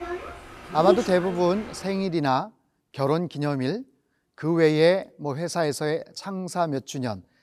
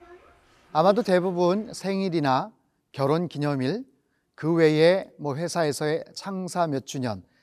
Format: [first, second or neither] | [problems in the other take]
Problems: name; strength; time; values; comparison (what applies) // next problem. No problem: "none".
second | train or aircraft noise; loud; until 1.5 s; 6 dB below the speech; faint in the second